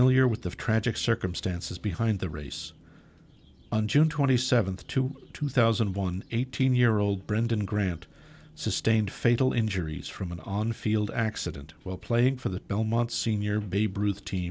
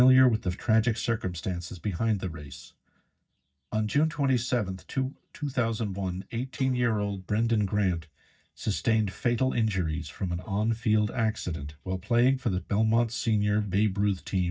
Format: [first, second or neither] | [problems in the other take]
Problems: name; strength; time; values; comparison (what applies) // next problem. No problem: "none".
first | noise reduction (neural mask model DeepFilterNet 3)